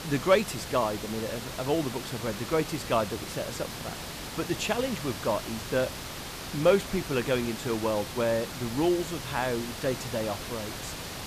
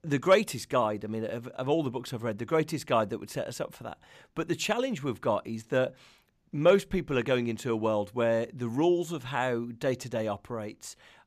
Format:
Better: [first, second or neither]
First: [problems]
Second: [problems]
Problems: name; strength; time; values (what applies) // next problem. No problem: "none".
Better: second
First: hiss; loud; throughout; 7 dB below the speech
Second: none